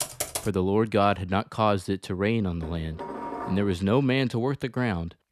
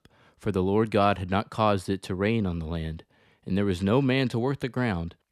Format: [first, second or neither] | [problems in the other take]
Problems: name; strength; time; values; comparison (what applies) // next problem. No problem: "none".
second | keyboard typing; noticeable; at the start; peak 3 dB below the speech // clattering dishes; noticeable; from 2.5 to 4 s; peak 8 dB below the speech